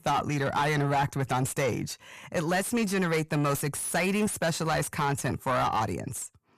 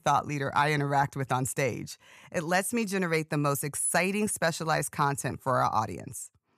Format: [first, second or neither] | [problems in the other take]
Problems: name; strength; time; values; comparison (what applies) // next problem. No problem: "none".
second | distortion; heavy; 7 dB below the speech